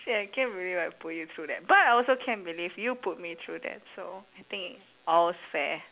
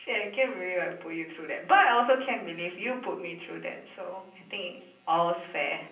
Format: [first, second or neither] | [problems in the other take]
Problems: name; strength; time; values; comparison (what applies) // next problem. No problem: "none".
first | room echo; dies away in 0.6 s